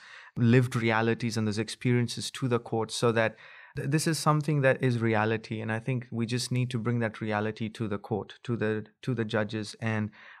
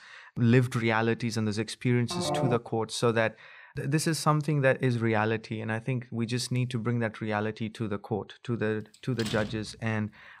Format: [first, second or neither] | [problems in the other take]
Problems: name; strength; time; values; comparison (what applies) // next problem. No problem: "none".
first | phone ringing; noticeable; at 2 s; peak 1 dB below the speech // door banging; noticeable; at 9 s; peak 9 dB below the speech